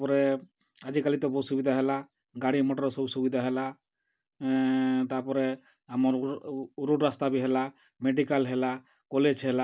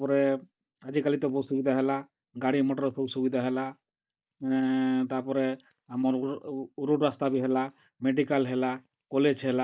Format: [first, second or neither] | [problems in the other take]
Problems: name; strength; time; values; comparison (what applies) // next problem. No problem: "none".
first | noise reduction (neural mask model DeepFilterNet 3)